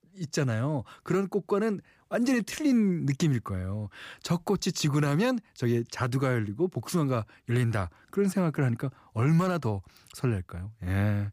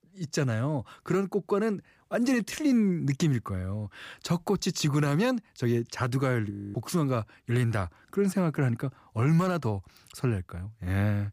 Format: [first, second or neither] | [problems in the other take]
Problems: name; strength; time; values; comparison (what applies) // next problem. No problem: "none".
first | audio freezing; at 6.5 s